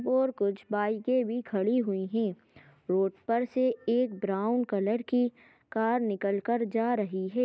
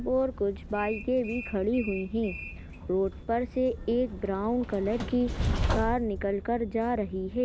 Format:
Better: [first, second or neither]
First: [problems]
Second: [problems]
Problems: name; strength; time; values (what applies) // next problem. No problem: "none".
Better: first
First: none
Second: background sound (Train); 6 dB below the speech